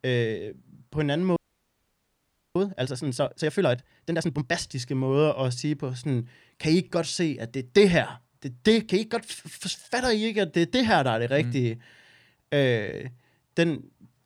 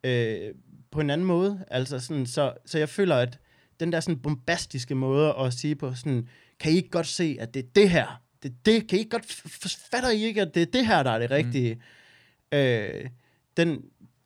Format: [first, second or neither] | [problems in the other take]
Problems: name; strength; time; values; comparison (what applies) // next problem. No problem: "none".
second | audio freezing; at 1.5 s for 1 s